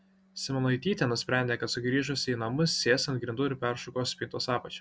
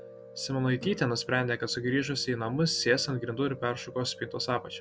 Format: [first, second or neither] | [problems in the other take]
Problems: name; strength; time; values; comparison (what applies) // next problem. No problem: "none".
first | background sound (Guitar + Piano); 17 dB below the speech